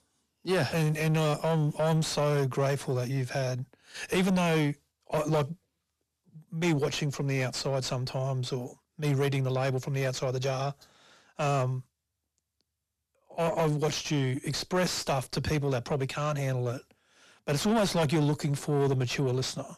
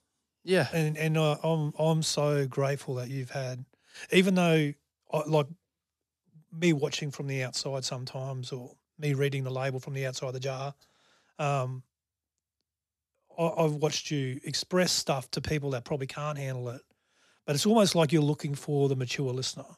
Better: second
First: distortion; heavy; 7 dB below the speech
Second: none

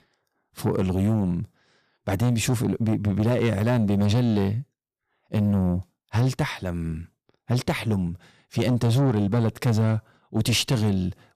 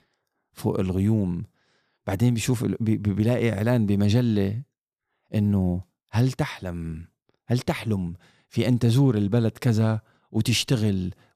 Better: second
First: distortion; slight; 10 dB below the speech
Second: none

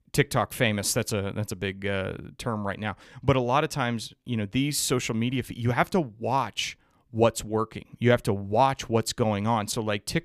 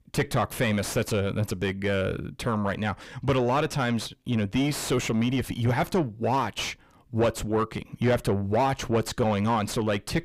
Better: first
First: none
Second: distortion; heavy; 5 dB below the speech

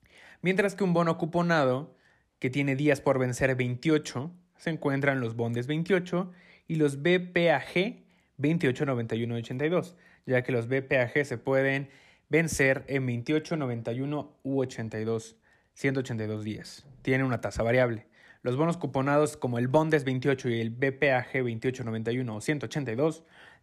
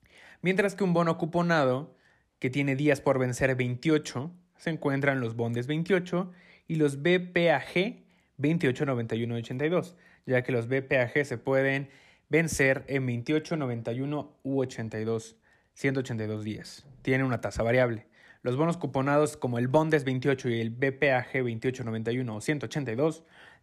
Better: neither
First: none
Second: none

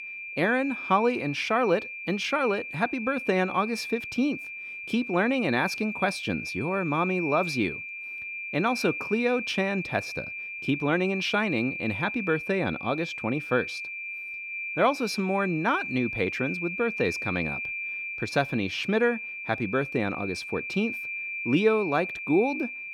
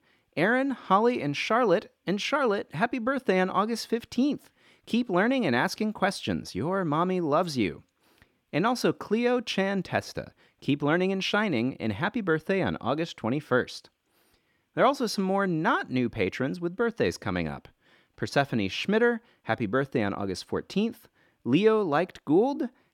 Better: second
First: high-pitched whine; loud; throughout; 2.5 kHz, 6 dB below the speech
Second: none

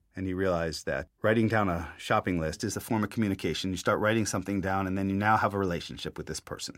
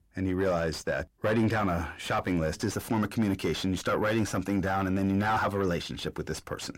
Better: first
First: none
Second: distortion; heavy; 8 dB below the speech

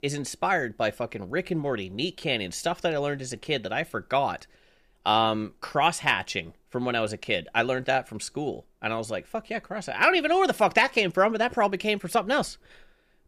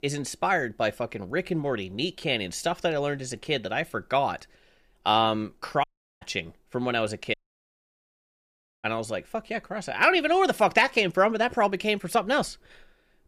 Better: first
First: none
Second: audio cutting out; at 6 s and at 7.5 s for 1.5 s

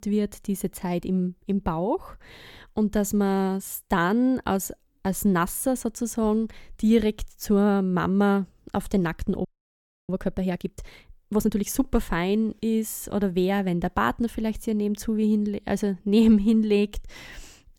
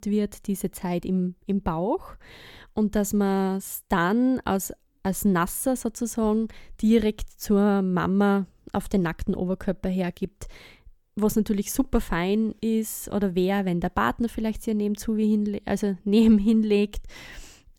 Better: second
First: audio freezing; at 9.5 s for 0.5 s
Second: none

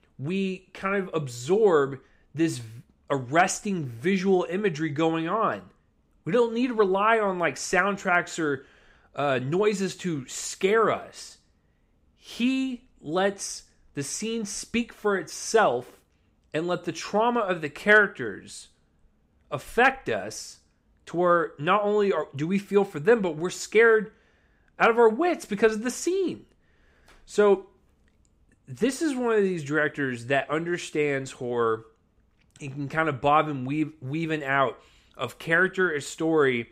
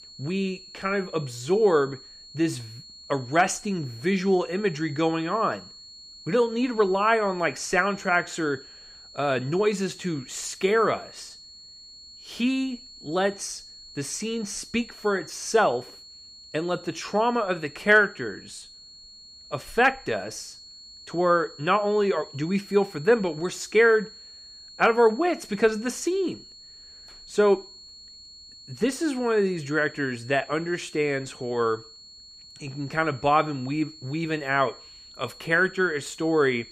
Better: first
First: none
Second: high-pitched whine; noticeable; throughout; 4.5 kHz, 20 dB below the speech

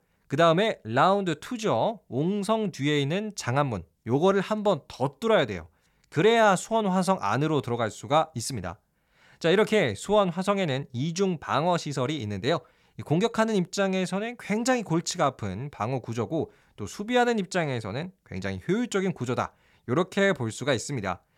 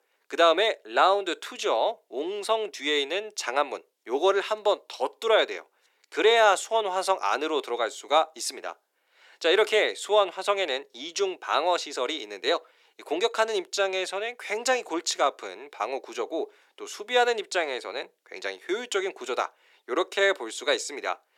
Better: first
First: none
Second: thin; very; fading below 350 Hz

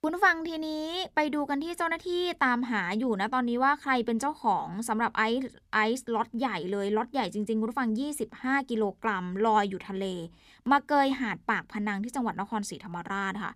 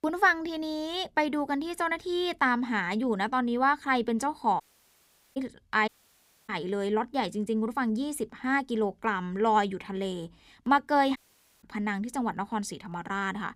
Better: first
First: none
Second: audio cutting out; at 4.5 s for 1 s, at 6 s for 0.5 s and at 11 s

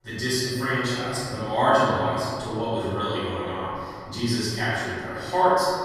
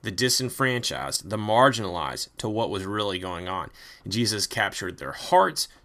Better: second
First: room echo; strong; dies away in 2.3 s // off-mic speech; far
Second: none

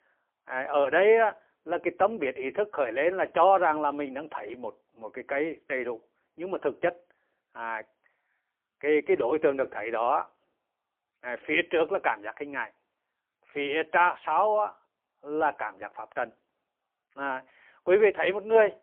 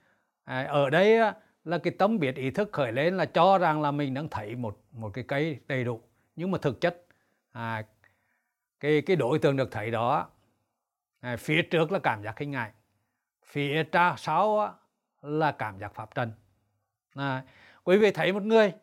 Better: second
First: phone-call audio; poor line; nothing above 3.5 kHz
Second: none

